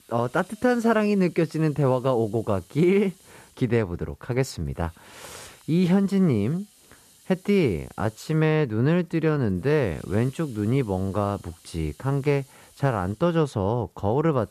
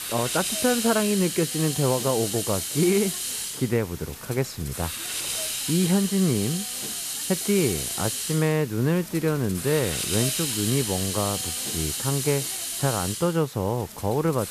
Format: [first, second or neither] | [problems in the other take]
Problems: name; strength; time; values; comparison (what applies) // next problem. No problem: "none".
first | hiss; loud; throughout; 2 dB below the speech; faint in the first